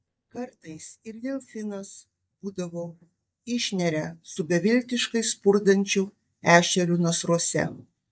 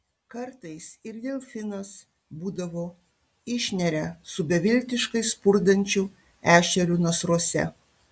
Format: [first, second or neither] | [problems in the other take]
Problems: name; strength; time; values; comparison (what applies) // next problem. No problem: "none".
second | noise reduction (neural mask model DeepFilterNet 3)